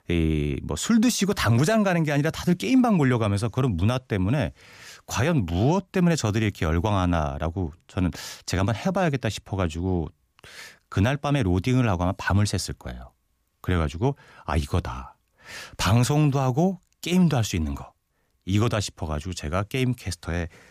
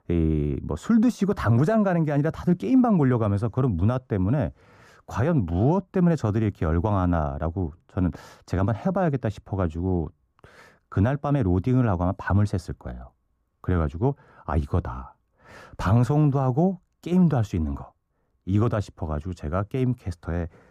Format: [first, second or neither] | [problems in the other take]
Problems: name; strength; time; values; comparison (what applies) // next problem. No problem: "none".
first | muffled; very; fading above 1.5 kHz